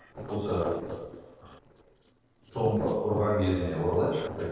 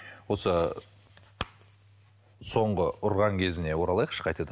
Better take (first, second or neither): second